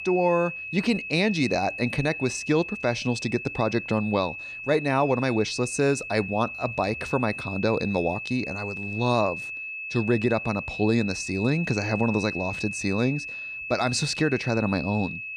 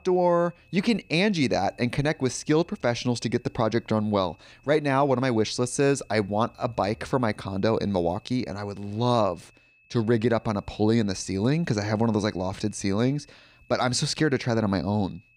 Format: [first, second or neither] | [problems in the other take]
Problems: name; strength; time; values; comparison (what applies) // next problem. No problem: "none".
second | high-pitched whine; loud; throughout; 2.5 kHz, 7 dB below the speech; faint in the second